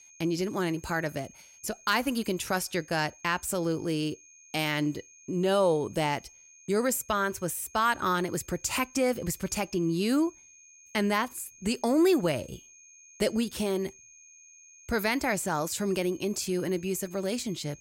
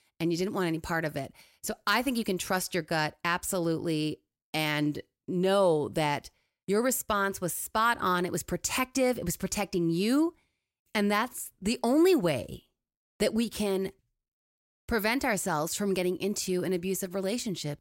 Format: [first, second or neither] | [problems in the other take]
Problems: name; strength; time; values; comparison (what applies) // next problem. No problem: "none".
second | high-pitched whine; faint; throughout; 6.5 kHz, 25 dB below the speech